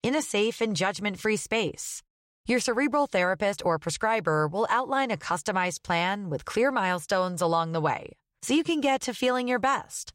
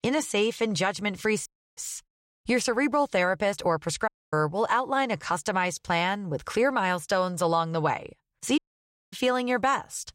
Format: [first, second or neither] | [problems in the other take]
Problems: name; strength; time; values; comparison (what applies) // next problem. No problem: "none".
first | audio cutting out; at 1.5 s, at 4 s and at 8.5 s for 0.5 s